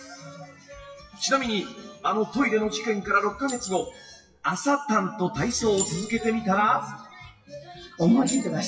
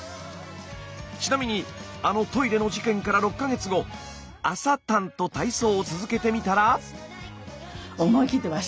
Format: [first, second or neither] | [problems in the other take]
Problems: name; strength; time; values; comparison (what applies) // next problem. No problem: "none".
second | noise reduction (classical method WPE with log-MMSE)